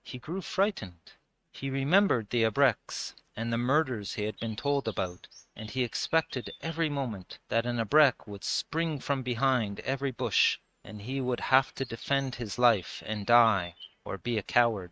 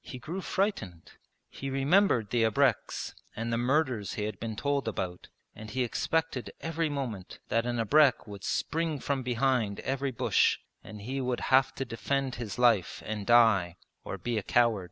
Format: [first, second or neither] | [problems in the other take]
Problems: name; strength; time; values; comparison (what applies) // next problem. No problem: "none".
second | noise reduction (neural mask model RNNoise)